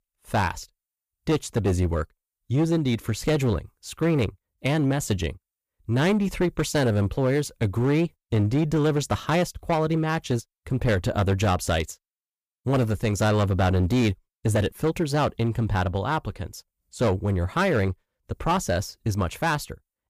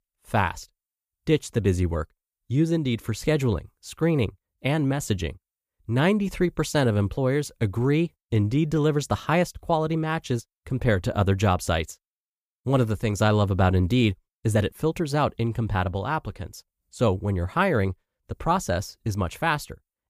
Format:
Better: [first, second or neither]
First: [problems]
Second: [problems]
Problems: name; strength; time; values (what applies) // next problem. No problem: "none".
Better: second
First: distortion; slight; 8% of the sound clipped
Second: none